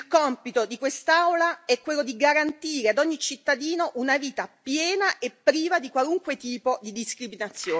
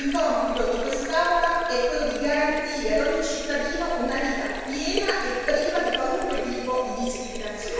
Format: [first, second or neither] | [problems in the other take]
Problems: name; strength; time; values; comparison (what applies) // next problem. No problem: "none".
first | background sound (Sink (filling or washing)); 9 dB below the speech // room echo; dies away in 1.9 s